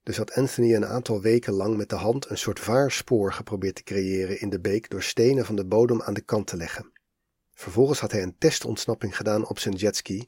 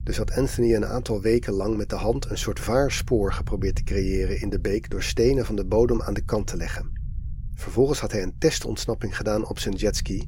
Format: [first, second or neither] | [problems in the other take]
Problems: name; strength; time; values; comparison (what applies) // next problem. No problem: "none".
first | low rumble; faint; throughout; 25 dB below the speech